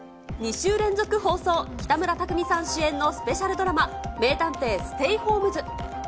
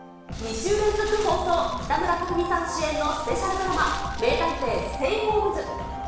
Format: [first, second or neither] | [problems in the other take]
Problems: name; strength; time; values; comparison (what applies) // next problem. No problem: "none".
first | background sound (Fire); 12 dB below the speech // room echo; dies away in 0.9 s